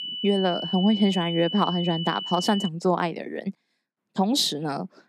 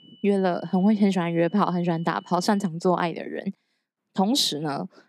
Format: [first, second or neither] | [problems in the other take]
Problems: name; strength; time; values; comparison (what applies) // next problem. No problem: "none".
second | high-pitched whine; loud; until 2.5 s; 3 kHz, 6 dB below the speech; faint in the second